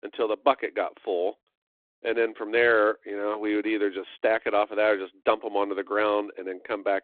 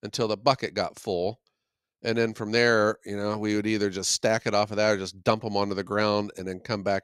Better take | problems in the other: second | phone-call audio

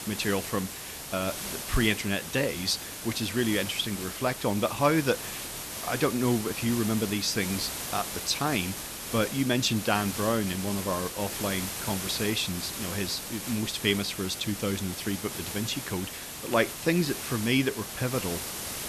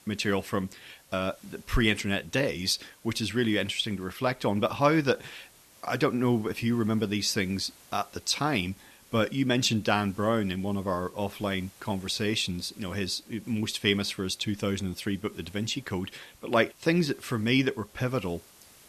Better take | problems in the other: second | hiss; loud; throughout; 6 dB below the speech; faint in the second

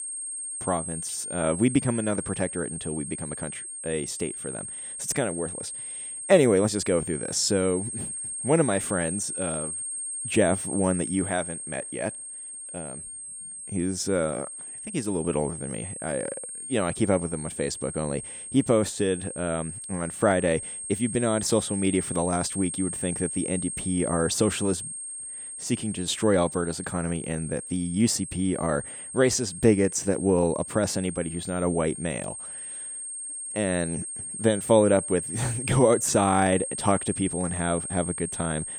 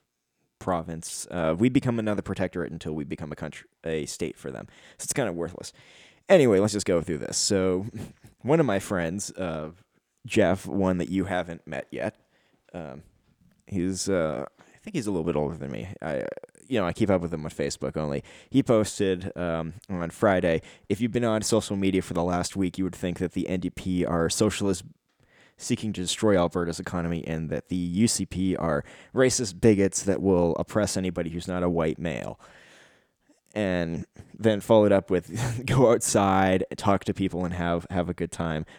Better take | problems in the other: second | high-pitched whine; loud; throughout; 8.5 kHz, 7 dB below the speech

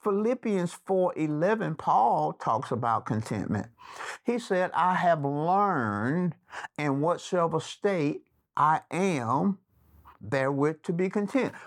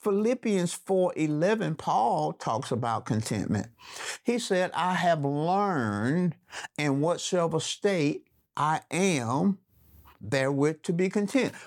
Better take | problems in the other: second | muffled; slightly; fading above 2.5 kHz

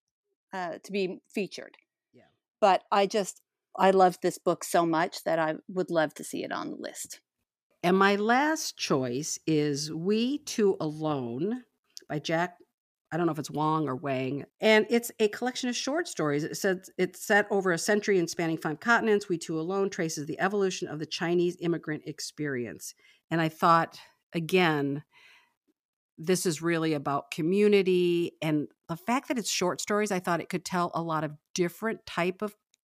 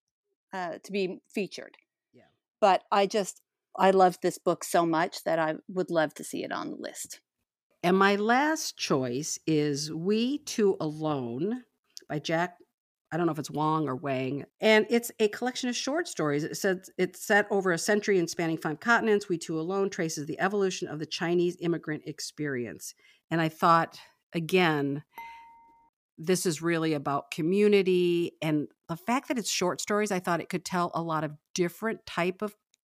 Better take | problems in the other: first | clattering dishes; faint; at 25 s; peak 15 dB below the speech

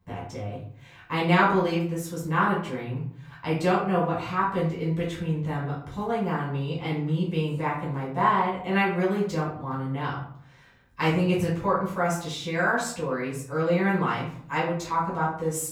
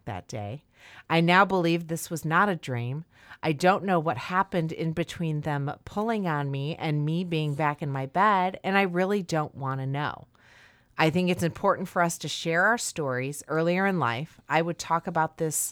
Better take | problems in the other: second | off-mic speech; far // room echo; noticeable; dies away in 0.5 s

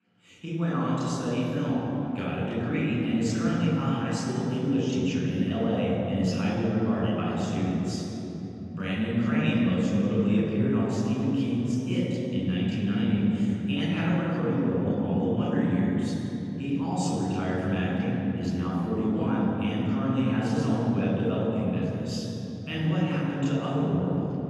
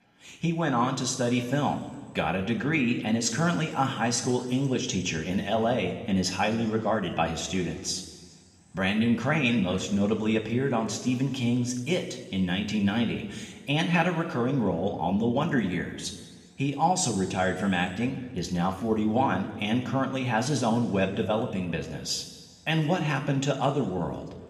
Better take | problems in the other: second | room echo; strong; dies away in 3 s; slight in the second // off-mic speech; far; somewhat distant in the second

